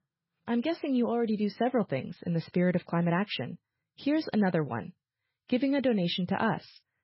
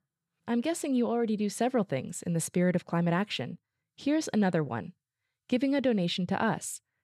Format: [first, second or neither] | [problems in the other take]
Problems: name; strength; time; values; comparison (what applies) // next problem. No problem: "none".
second | garbled, watery; badly; nothing above 5.5 kHz